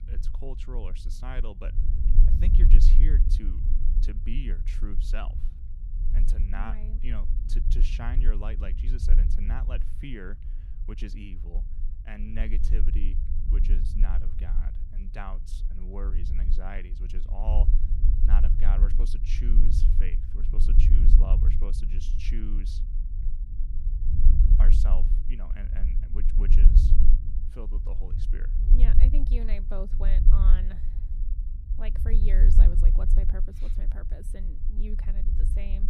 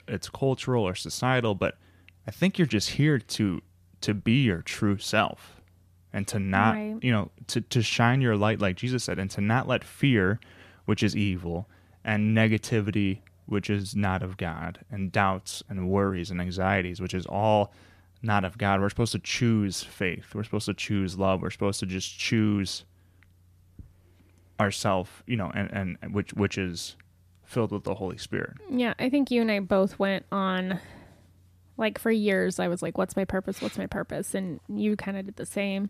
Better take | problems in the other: second | low rumble; loud; throughout; 4 dB below the speech

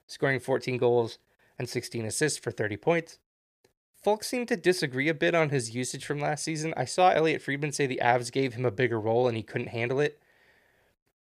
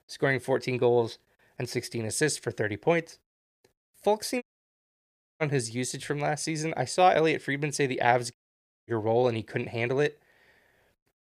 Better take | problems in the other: first | audio cutting out; at 4.5 s for 1 s and at 8.5 s for 0.5 s

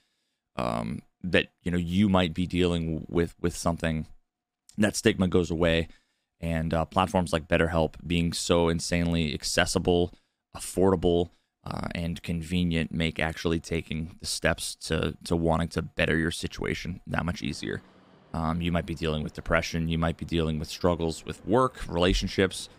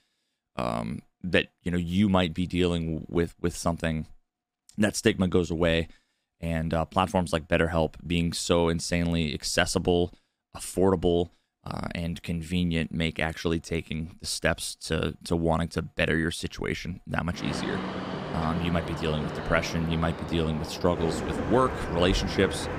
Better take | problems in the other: first | train or aircraft noise; loud; from 17 s on; 6 dB below the speech; faint in the first

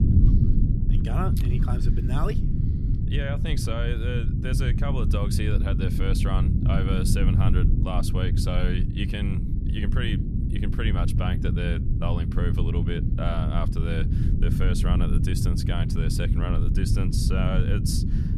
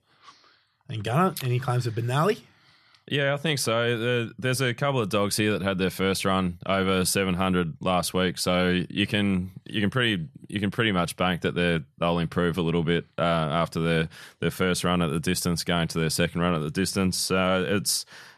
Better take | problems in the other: second | low rumble; loud; throughout; 3 dB below the speech

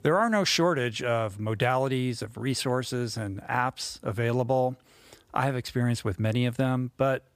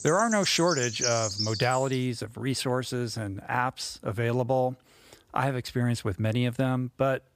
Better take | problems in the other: first | animal sounds; loud; until 2 s; 3 dB below the speech

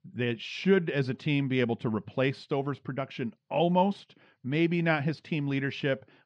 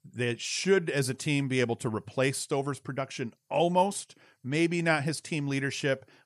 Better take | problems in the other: second | muffled; slightly; fading above 3.5 kHz

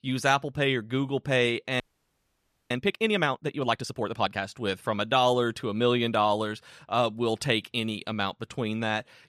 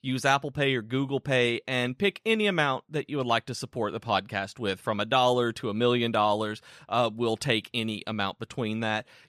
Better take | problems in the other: second | audio freezing; at 2 s for 1 s

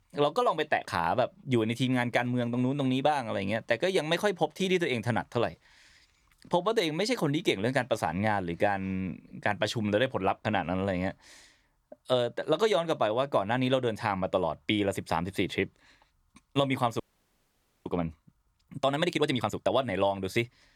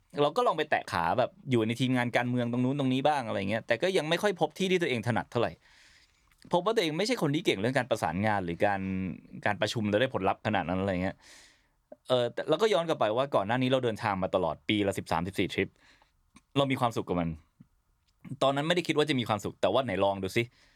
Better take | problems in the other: second | audio freezing; at 17 s for 1 s

